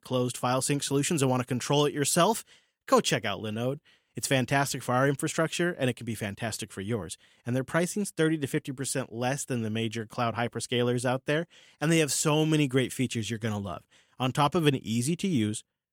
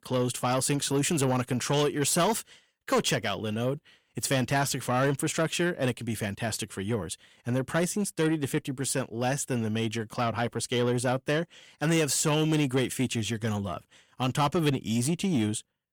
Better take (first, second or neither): first